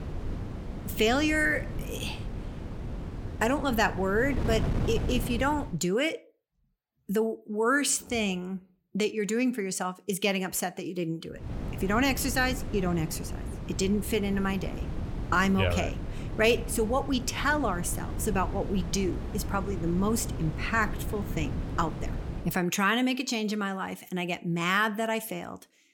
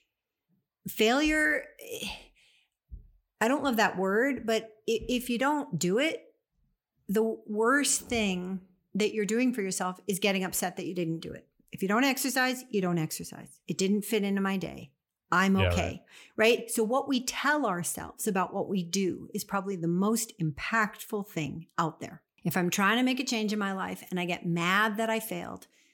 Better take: second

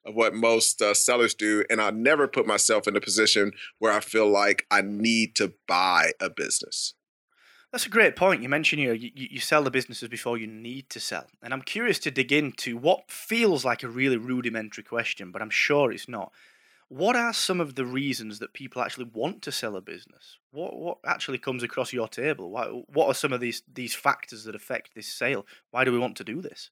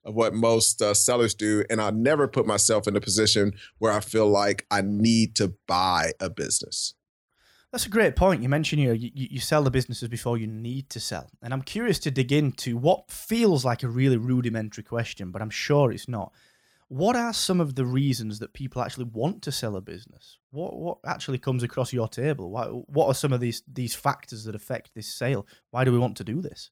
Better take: second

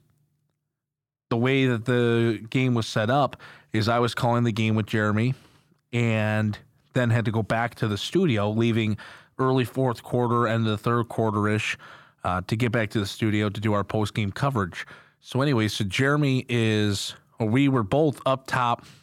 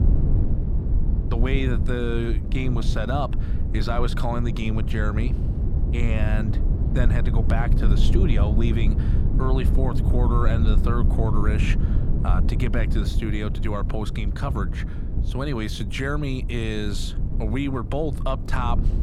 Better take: first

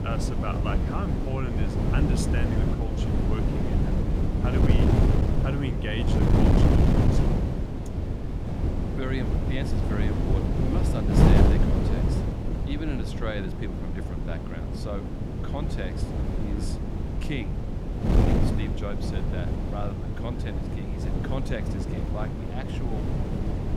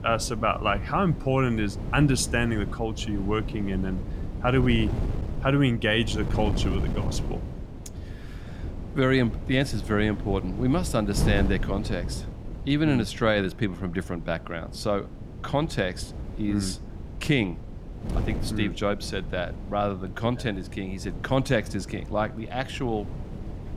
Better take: second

